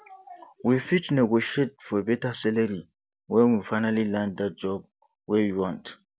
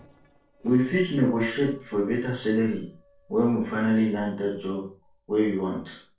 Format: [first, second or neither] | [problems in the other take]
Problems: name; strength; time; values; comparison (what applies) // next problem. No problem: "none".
first | noise reduction (neural separator model SepFormer DNS4)